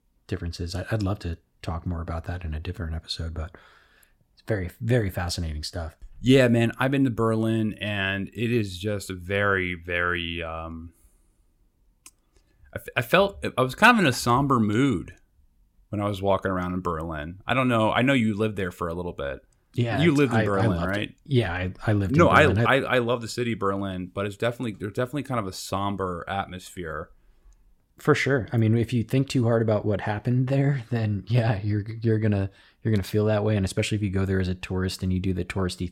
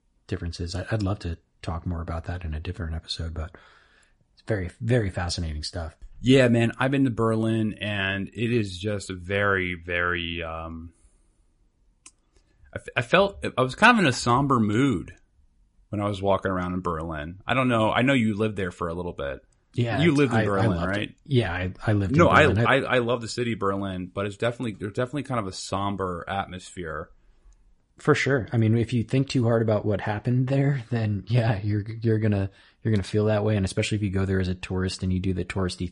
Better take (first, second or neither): first